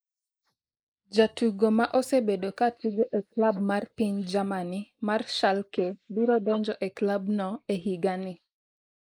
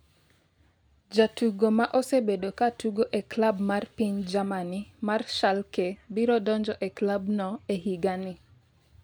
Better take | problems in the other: second | noise reduction (neural mask model Resemble Enhance denoiser)

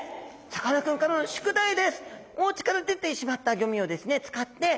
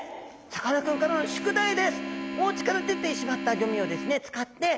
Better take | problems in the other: first | background sound (Organ); 5 dB below the speech

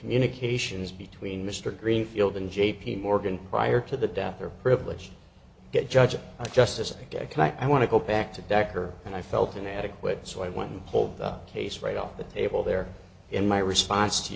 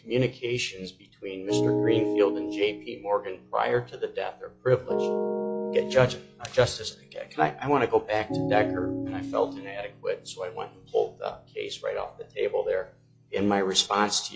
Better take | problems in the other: first | noise reduction (classical method log-MMSE)

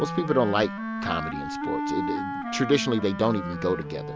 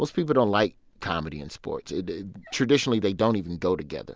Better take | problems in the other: second | background sound (Wind instrument, woodwind instrument); 5 dB below the speech

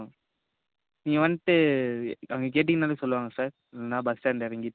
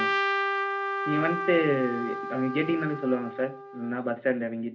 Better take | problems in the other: first | background sound (Trumpet); 3 dB below the speech // room echo; dies away in 0.3 s

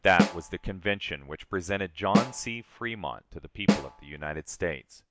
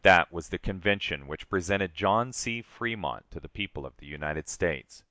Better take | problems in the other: second | background sound (Snare drum); as loud as the speech

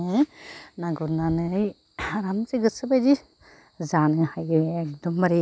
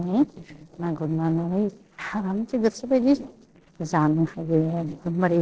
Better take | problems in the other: first | noise reduction (neural separator model SepFormer DNS4)

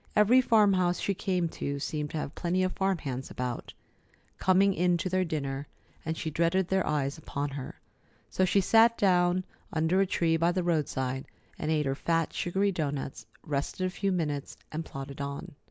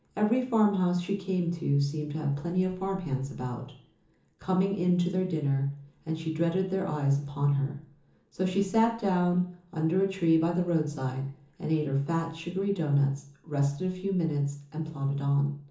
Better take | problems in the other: first | room echo; dies away in 0.7 s

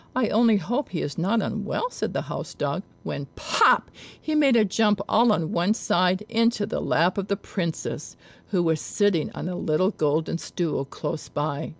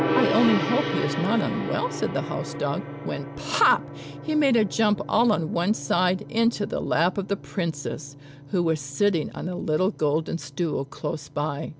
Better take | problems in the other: first | background sound (Gong); 8 dB below the speech

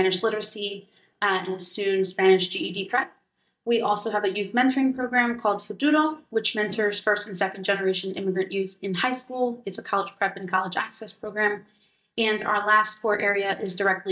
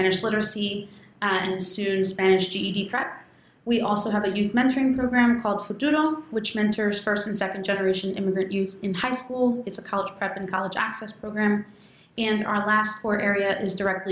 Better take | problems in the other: second | noise reduction (neural mask model DeepFilterNet 3)

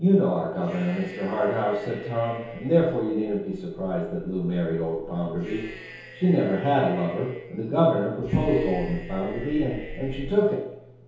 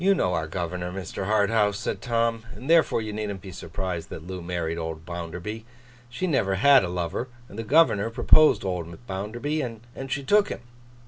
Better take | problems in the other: second | noise reduction (neural separator model SepFormer DNS4)

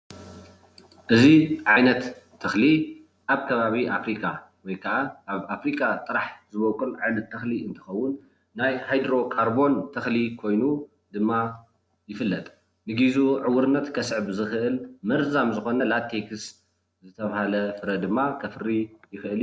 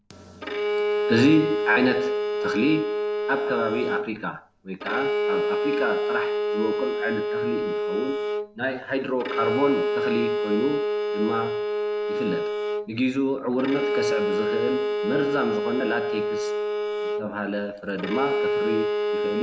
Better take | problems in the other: first | background sound (Bowed string instrument); 1 dB above the speech

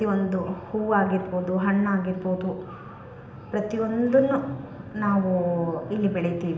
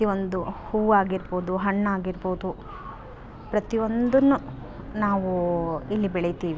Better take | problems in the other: second | room echo; dies away in 0.8 s

